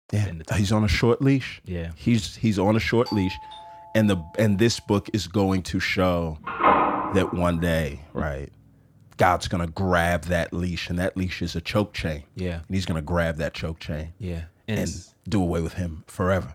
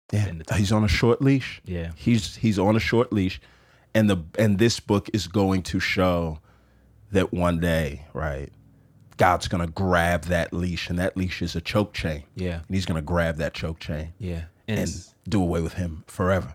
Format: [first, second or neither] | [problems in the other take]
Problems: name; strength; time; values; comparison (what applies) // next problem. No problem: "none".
second | doorbell; faint; from 3 to 4.5 s; peak 10 dB below the speech // phone ringing; loud; from 6.5 to 8 s; peak 6 dB above the speech